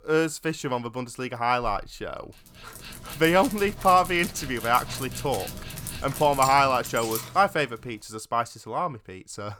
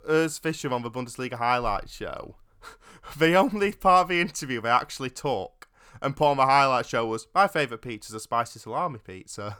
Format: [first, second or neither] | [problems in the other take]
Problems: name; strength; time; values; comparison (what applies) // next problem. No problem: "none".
second | dog barking; noticeable; from 2.5 to 7.5 s; peak 8 dB below the speech